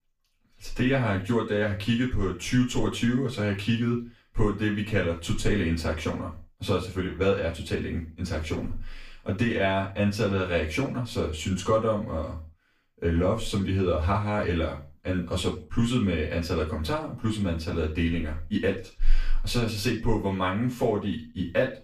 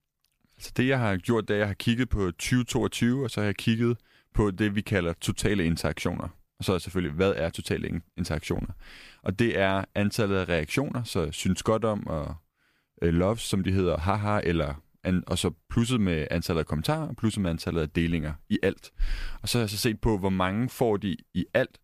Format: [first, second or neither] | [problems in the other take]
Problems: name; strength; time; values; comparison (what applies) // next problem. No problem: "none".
second | room echo; slight; dies away in 0.3 s // off-mic speech; far